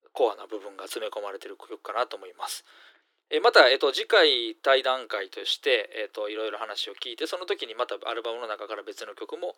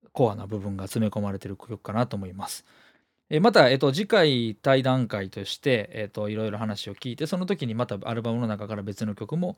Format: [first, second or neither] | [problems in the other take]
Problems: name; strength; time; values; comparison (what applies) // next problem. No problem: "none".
second | thin; very; fading below 300 Hz